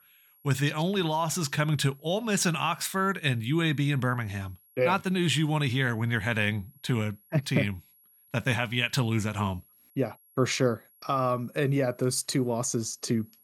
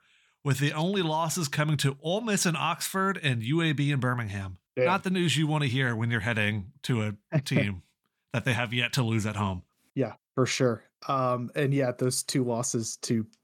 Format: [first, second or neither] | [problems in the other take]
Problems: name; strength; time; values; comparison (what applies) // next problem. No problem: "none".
second | high-pitched whine; faint; throughout; 11.5 kHz, 30 dB below the speech